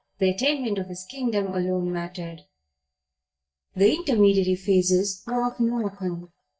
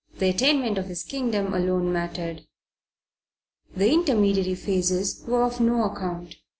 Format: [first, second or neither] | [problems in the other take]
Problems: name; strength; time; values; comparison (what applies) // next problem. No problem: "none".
second | noise reduction (neural mask model DeepFilterNet 3)